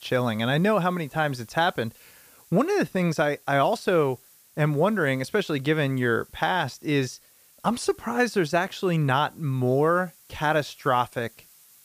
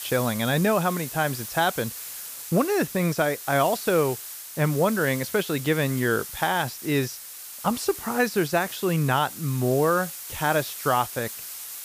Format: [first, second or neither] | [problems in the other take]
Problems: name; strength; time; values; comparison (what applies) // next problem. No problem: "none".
first | hiss; loud; throughout; 10 dB below the speech; faint in the first